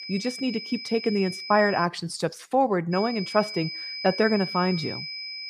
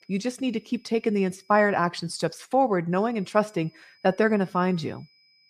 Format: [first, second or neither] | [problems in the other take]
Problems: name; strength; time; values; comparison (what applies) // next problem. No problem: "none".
second | high-pitched whine; loud; until 2 s and from 3 s on; 5 kHz, 8 dB below the speech; faint in the second